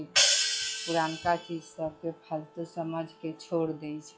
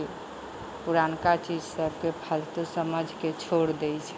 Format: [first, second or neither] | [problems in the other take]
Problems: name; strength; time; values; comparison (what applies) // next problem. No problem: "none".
second | noise reduction (classical method log-MMSE)